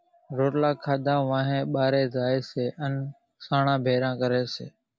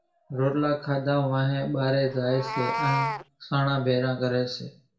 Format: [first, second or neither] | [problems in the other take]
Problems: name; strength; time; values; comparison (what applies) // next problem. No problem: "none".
first | background sound (Meow); 9 dB below the speech // room echo; dies away in 0.4 s